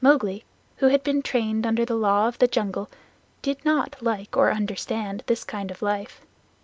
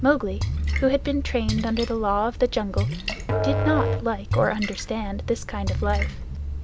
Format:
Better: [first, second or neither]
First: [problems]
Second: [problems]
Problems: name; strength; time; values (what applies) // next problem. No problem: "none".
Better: first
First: none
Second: background sound (Splash, splatter + Musical instrument); 1 dB below the speech